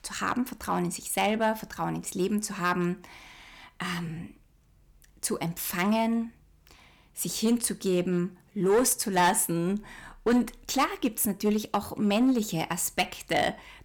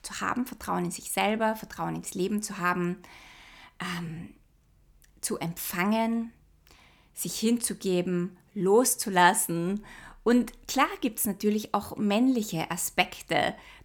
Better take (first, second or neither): second